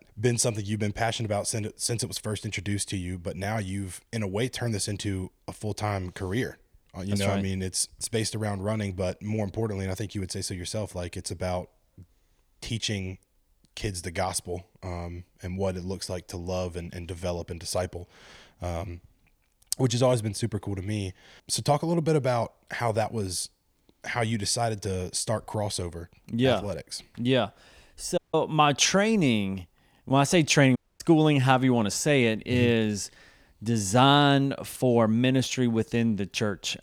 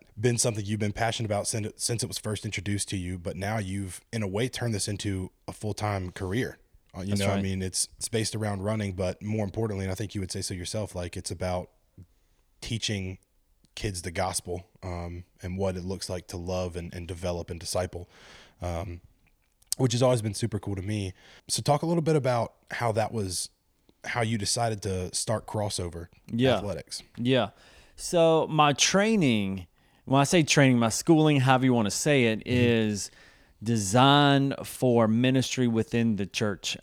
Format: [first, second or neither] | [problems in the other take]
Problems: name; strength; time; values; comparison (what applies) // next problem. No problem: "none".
second | audio cutting out; at 28 s and at 31 s